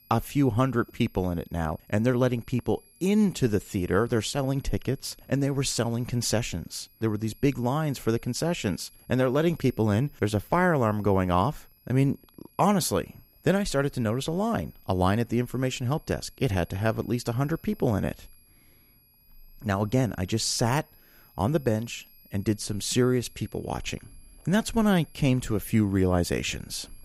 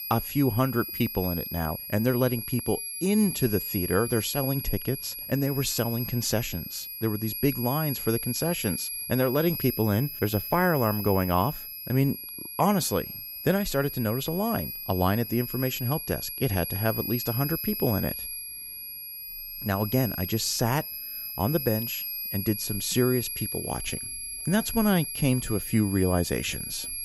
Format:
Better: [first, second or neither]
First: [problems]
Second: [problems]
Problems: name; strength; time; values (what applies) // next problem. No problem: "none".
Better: first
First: high-pitched whine; faint; throughout; 11.5 kHz, 30 dB below the speech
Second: high-pitched whine; loud; throughout; 11.5 kHz, 5 dB below the speech